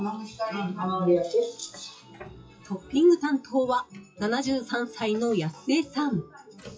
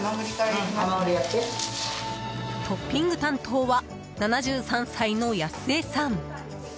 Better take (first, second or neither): second